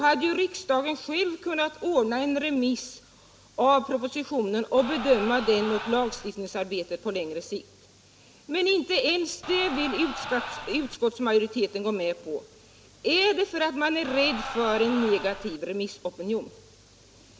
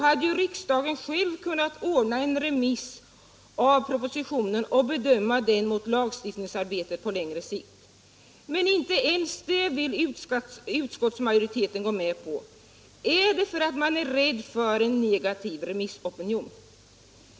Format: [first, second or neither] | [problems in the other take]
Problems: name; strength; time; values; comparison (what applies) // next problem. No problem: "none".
second | background sound (Crowd); 9 dB below the speech